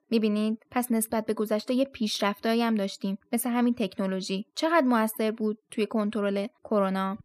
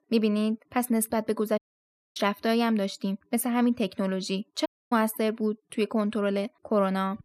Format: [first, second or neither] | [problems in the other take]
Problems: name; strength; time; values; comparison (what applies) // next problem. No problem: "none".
first | audio cutting out; at 1.5 s for 0.5 s and at 4.5 s